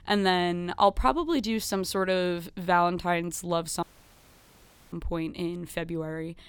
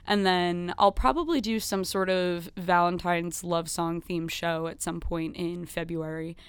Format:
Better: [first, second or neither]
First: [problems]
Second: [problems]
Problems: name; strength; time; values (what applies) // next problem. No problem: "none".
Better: second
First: audio cutting out; at 4 s for 1 s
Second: none